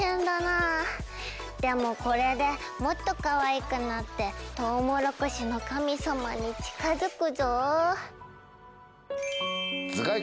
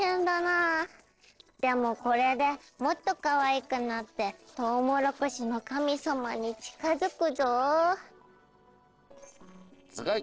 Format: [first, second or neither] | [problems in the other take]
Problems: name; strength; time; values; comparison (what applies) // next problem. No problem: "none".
first | noise reduction (neural separator model SepFormer DNS4)